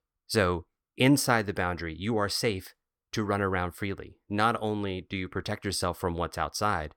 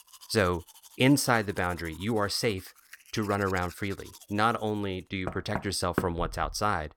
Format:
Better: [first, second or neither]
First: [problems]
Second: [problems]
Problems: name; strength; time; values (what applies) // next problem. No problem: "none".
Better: first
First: none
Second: household noises; noticeable; throughout; 15 dB below the speech